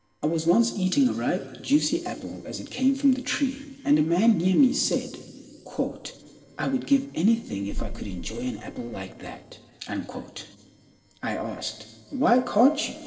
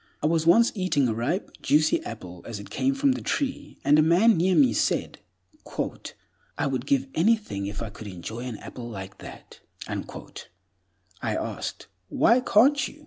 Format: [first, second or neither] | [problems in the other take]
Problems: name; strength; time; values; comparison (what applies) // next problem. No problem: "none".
second | noise reduction (neural separator model SepFormer DNS4)